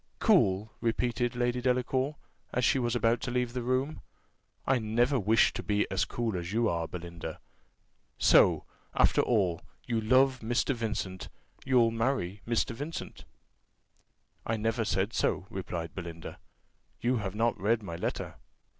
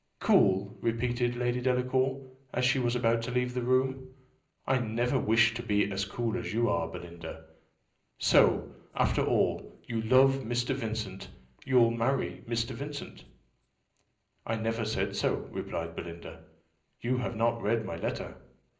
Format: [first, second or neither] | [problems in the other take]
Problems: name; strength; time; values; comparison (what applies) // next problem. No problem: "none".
first | room echo; dies away in 0.5 s